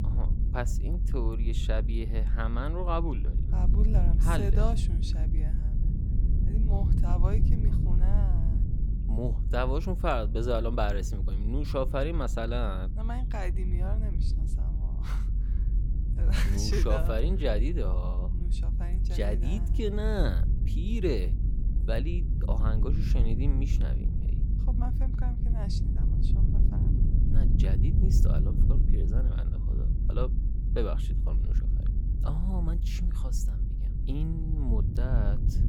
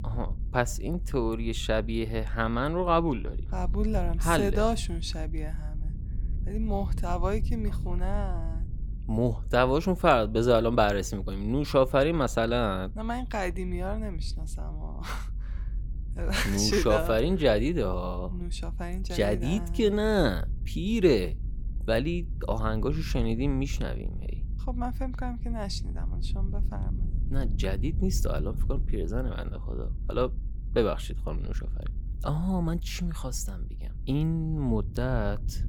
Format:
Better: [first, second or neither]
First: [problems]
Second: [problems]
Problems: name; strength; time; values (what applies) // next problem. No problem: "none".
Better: second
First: low rumble; loud; throughout; 9 dB below the speech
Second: low rumble; faint; throughout; 25 dB below the speech